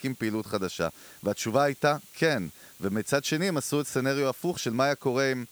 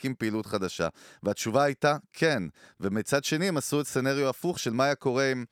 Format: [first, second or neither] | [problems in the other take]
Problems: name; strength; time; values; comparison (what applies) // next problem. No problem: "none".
second | hiss; faint; throughout; 20 dB below the speech